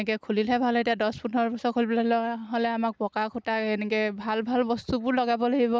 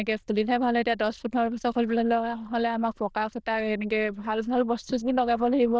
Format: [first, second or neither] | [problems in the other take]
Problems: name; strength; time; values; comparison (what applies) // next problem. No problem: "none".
first | noise reduction (neural diffusion model UNIVERSE++)